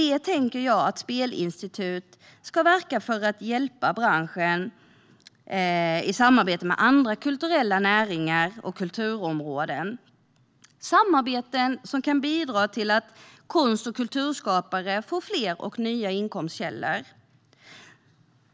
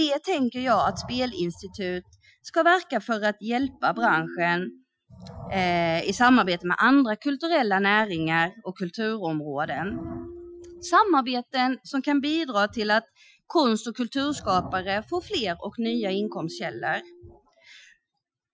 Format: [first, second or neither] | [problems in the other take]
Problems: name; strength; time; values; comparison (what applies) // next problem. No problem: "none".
first | noise reduction (classical method Wiener filter)